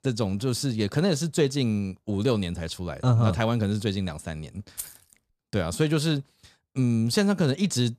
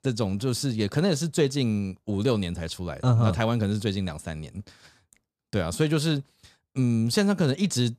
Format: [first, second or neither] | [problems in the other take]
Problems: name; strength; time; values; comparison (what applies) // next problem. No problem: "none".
second | jangling keys; faint; at 5 s; peak 10 dB below the speech